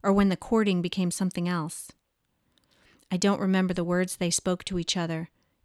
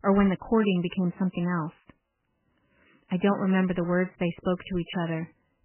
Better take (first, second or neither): first